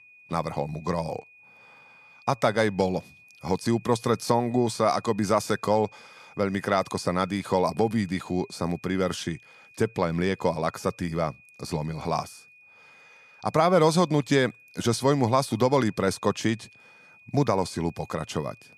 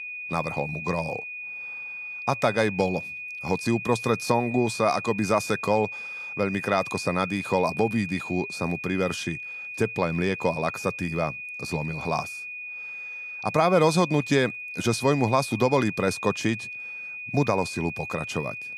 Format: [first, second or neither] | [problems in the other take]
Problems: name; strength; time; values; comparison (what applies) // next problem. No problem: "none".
first | high-pitched whine; loud; throughout; 2.5 kHz, 8 dB below the speech; faint in the first